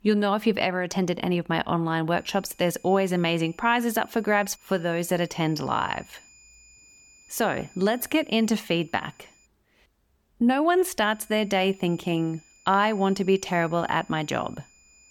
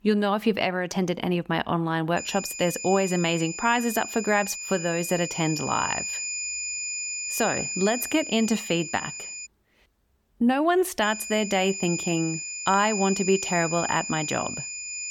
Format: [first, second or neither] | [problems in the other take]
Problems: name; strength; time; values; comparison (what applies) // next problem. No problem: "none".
first | high-pitched whine; loud; from 2 to 9.5 s and from 11 s on; 2.5 kHz, 6 dB below the speech; faint in the first